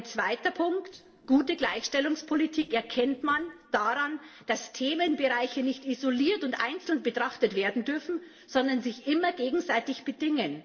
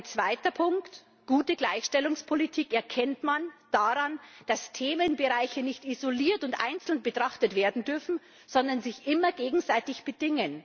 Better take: second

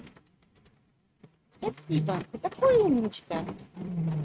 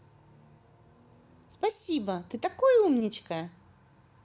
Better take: second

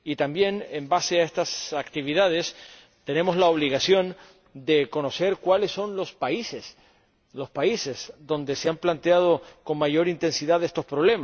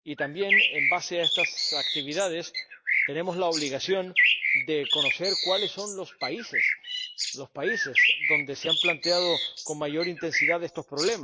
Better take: first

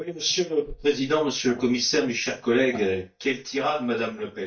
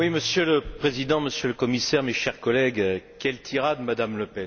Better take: second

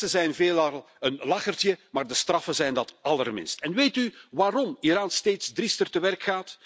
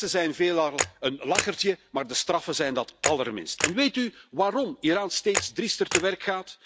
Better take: first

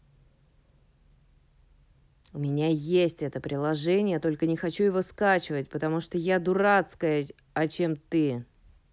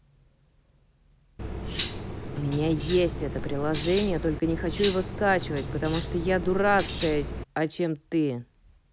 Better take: first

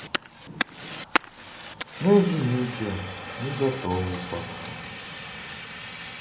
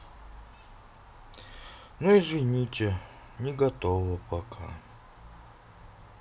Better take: second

